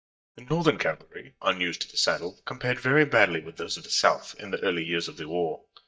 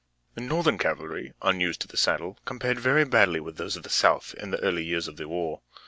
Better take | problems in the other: second | noise reduction (neural mask model DeepFilterNet 3)

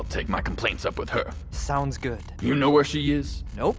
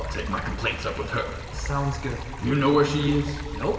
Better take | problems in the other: first | background sound (Stream); 16 dB below the speech // room echo; dies away in 2.6 s

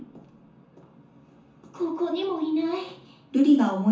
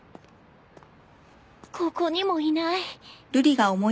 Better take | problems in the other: second | room echo; dies away in 0.9 s

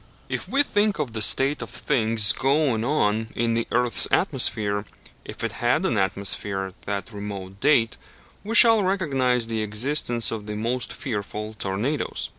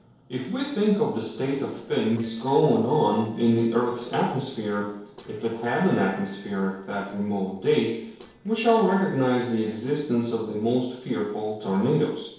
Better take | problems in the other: first | noise reduction (neural separator model SepFormer DNS4)

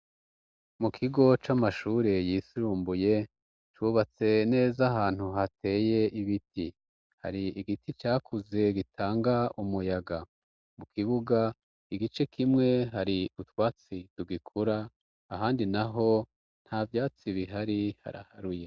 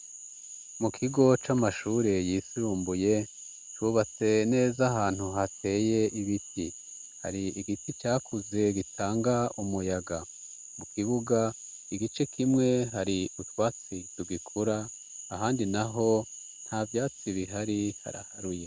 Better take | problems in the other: first | background sound (Frog); 15 dB below the speech

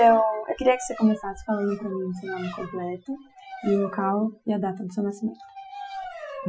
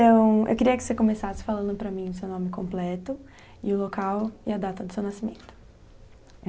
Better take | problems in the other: second | noise reduction (classical method Wiener filter)

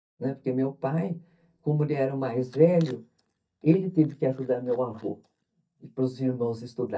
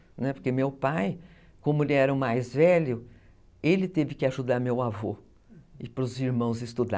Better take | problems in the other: second | noise reduction (neural mask model DeepFilterNet 3)

